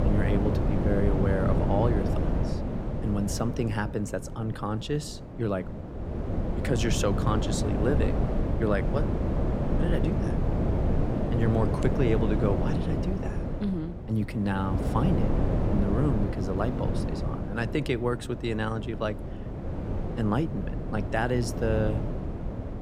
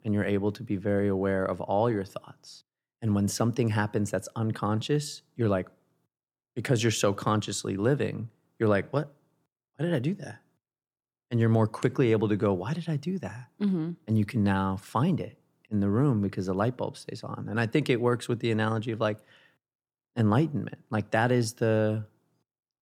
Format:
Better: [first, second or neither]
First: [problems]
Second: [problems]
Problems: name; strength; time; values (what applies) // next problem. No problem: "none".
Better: second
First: wind noise on the microphone; heavy; 3 dB below the speech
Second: none